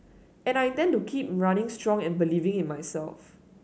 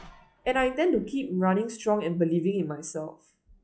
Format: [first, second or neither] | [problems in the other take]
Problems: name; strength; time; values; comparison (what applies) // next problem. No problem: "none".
first | noise reduction (classical method log-MMSE)